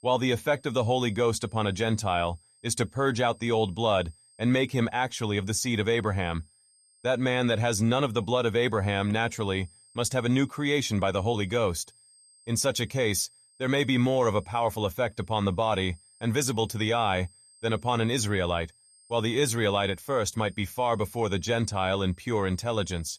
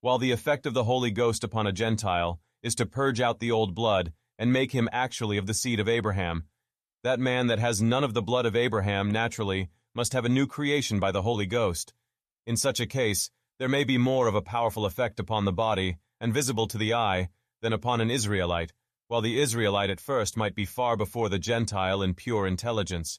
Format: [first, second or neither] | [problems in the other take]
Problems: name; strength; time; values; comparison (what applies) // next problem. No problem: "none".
second | high-pitched whine; faint; throughout; 8.5 kHz, 30 dB below the speech